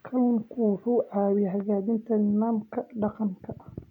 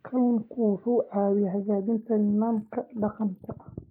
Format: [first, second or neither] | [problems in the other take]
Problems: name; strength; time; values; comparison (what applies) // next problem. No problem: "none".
first | noise reduction (neural mask model Resemble Enhance denoiser)